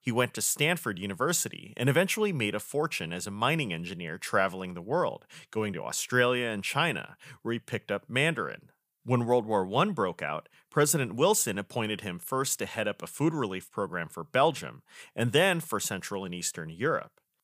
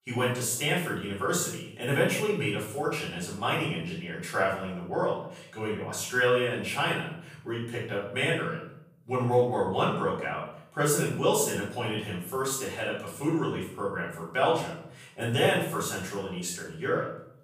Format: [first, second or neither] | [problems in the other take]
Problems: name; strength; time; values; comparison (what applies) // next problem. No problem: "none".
first | room echo; noticeable; dies away in 0.6 s // off-mic speech; far